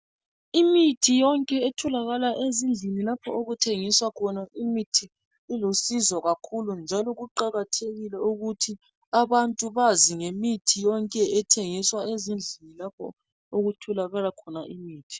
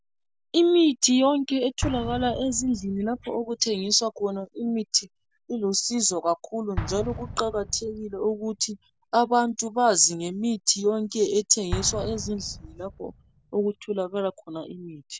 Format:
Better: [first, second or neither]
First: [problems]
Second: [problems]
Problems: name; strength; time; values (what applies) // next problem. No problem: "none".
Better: first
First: none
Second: background sound (Explosion); 14 dB below the speech